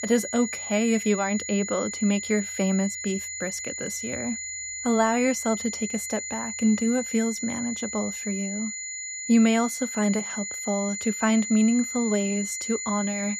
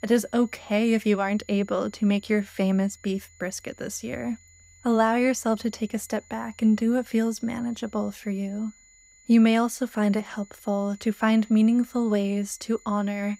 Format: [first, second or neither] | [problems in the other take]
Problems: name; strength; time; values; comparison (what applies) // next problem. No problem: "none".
second | high-pitched whine; loud; throughout; 7 kHz, 5 dB below the speech; faint in the second